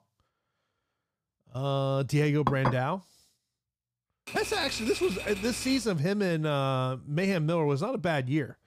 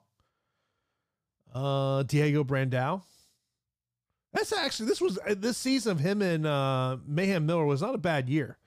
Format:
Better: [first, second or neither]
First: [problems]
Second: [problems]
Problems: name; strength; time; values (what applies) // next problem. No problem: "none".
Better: second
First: clattering dishes; noticeable; at 2.5 s; peak 2 dB below the speech // keyboard typing; noticeable; from 4.5 to 6 s; peak 8 dB below the speech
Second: none